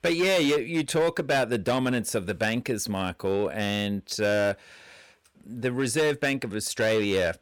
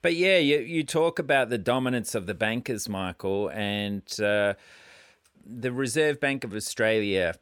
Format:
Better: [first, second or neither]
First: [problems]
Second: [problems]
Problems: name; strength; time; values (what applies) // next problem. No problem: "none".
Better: second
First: distortion; slight; 9% of the sound clipped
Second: none